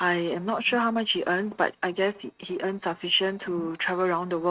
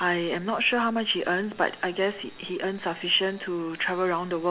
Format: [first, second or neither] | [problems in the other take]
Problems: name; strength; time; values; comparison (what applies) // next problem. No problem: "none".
second | noise reduction (neural mask model RNNoise)